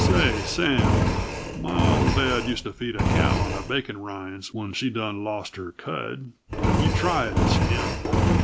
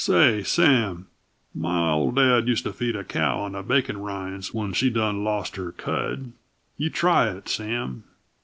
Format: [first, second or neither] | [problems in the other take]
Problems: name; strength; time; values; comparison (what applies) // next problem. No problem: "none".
second | background sound (Engine); 4 dB above the speech